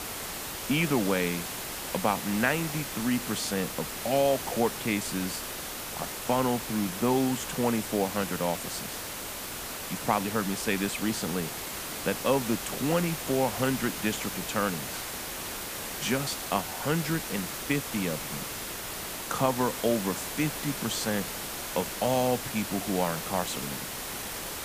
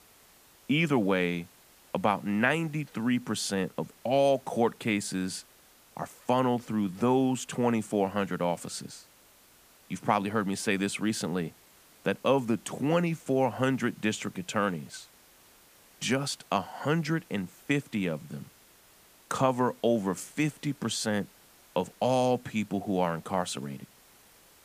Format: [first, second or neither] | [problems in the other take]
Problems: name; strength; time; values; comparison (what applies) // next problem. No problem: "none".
second | hiss; loud; throughout; 4 dB below the speech; faint in the second